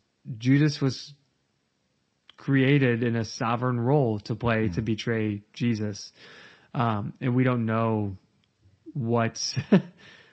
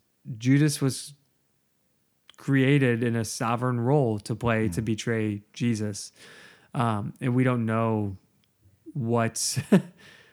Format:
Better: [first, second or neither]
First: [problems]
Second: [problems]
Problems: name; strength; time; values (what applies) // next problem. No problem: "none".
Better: second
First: garbled, watery; slightly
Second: none